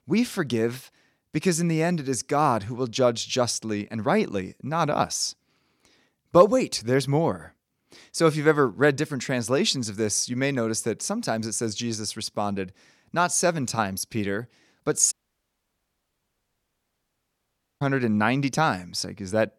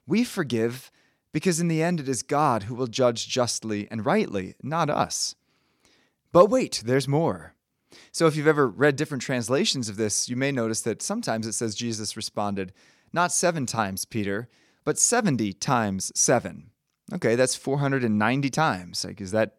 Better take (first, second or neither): second